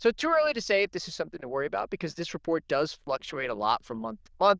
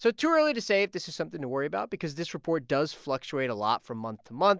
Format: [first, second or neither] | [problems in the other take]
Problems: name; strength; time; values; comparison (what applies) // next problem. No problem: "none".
second | noise reduction (neural diffusion model UNIVERSE++)